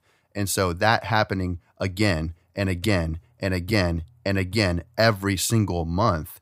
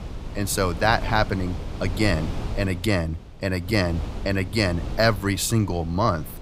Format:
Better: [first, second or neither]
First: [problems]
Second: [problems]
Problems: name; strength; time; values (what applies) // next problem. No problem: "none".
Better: first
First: none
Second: wind noise on the microphone; occasional gusts; 15 dB below the speech